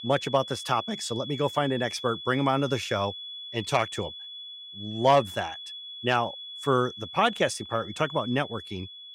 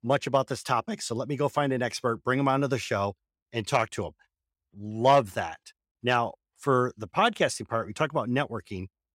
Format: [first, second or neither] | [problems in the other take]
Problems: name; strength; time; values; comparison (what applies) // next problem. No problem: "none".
second | high-pitched whine; noticeable; throughout; 3.5 kHz, 10 dB below the speech